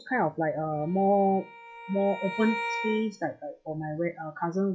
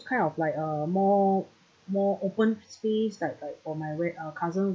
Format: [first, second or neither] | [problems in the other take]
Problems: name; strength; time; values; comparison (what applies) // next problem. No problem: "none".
second | noise reduction (classical method log-MMSE)